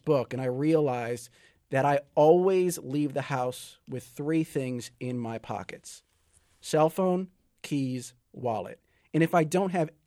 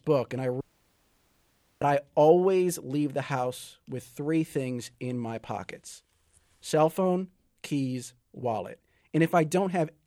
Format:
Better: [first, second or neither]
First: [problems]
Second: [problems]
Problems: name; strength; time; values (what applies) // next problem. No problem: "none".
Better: first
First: none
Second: audio cutting out; at 0.5 s for 1 s